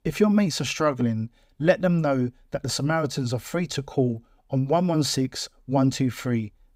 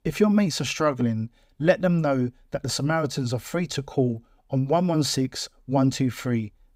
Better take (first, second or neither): neither